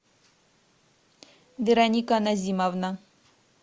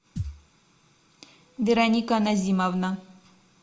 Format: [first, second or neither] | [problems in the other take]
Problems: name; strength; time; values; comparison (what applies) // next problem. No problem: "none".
first | background sound (Thump, thud); 11 dB below the speech // room echo; dies away in 0.4 s